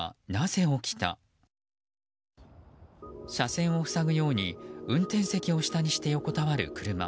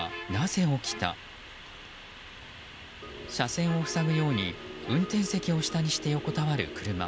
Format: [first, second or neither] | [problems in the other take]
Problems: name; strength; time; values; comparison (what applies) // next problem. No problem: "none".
first | background sound (Bus); 13 dB below the speech